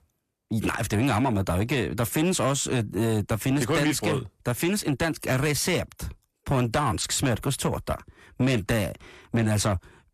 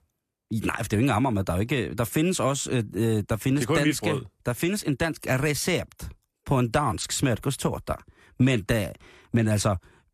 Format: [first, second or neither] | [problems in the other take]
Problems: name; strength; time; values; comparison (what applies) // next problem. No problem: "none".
second | distortion; slight; 10 dB below the speech